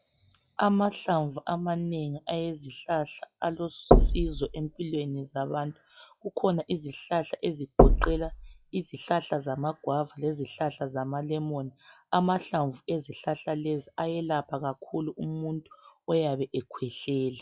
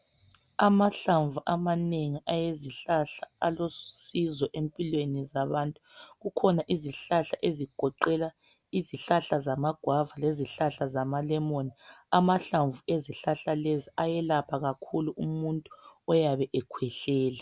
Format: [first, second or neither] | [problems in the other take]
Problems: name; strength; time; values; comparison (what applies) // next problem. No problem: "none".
second | noise reduction (classical method log-MMSE)